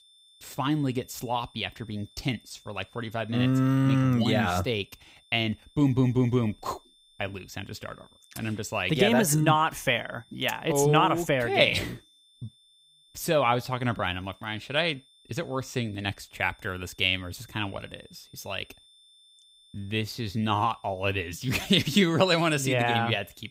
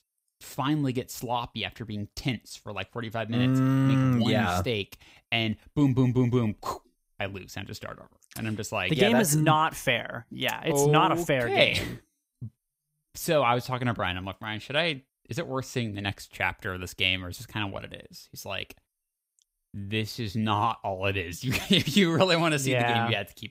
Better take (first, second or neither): second